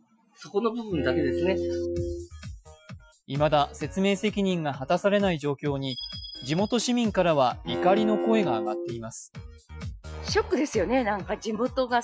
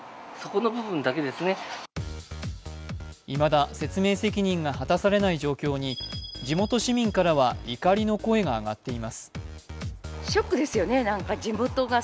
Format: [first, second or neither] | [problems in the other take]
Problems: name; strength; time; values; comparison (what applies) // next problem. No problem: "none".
second | noise reduction (classical method Wiener filter)